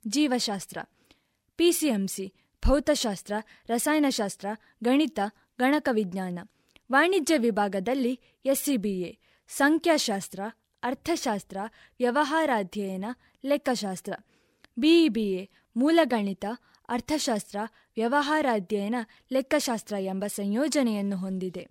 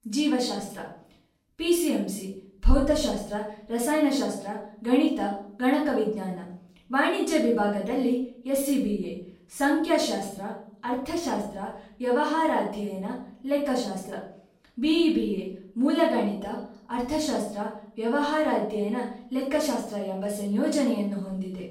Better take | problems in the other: first | room echo; noticeable; dies away in 0.5 s // off-mic speech; far

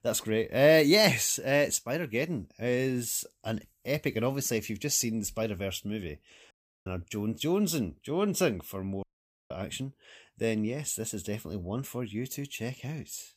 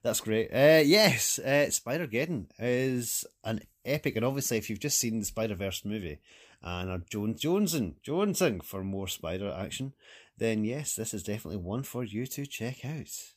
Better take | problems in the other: second | audio cutting out; at 6.5 s and at 9 s

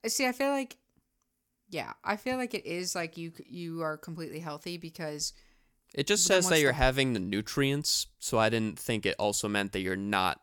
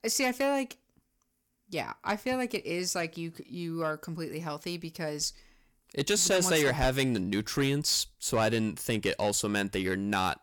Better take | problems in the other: first | distortion; slight; 10 dB below the speech

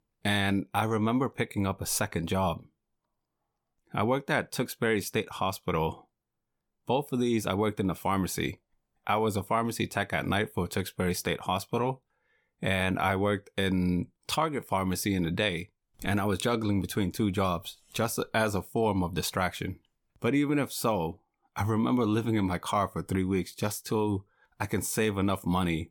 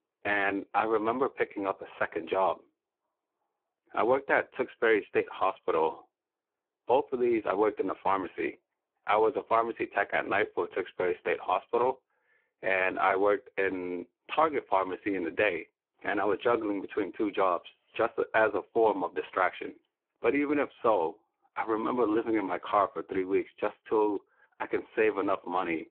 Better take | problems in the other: first | phone-call audio; poor line

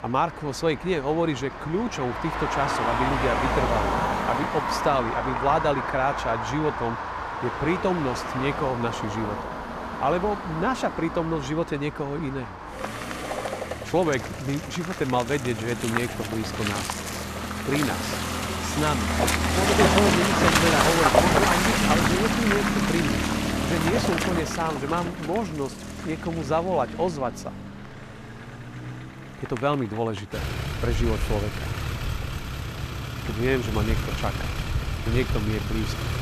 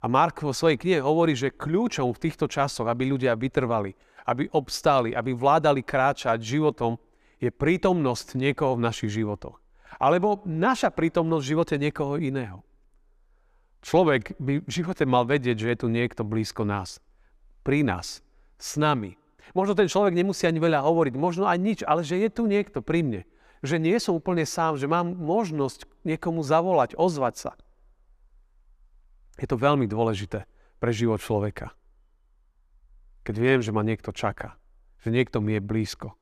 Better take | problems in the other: second | traffic noise; very loud; throughout; 1 dB above the speech

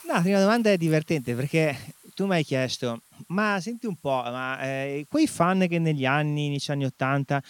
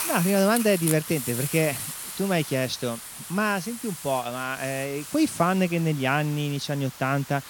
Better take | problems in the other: first | hiss; loud; throughout; 8 dB below the speech; faint in the first

